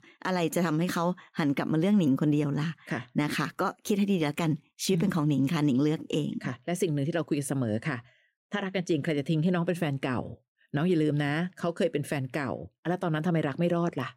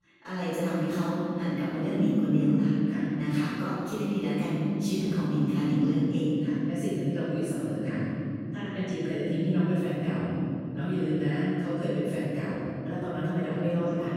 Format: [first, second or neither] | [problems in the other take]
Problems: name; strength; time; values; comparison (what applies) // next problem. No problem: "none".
first | room echo; strong; dies away in 3 s // off-mic speech; far